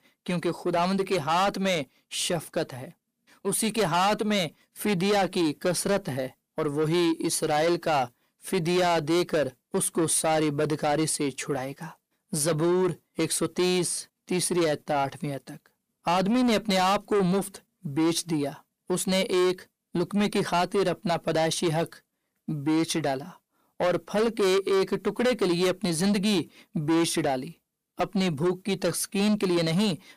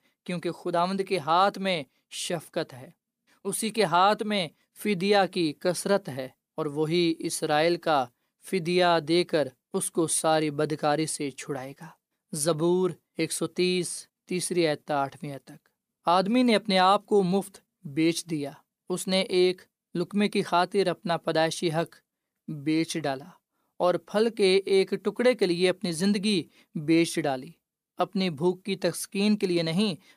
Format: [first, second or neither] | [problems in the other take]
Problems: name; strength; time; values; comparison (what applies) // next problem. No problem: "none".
second | distortion; heavy; 8 dB below the speech